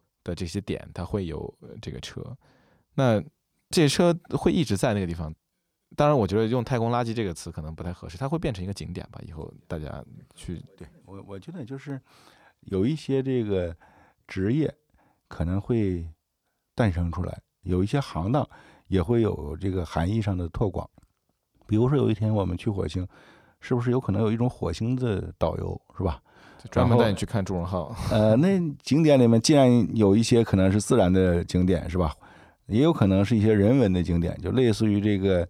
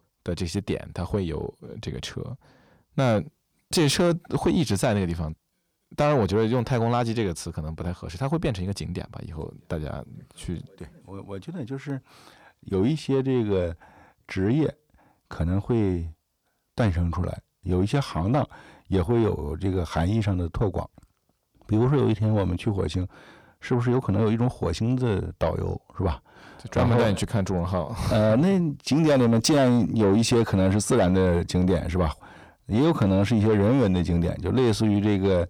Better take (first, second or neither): first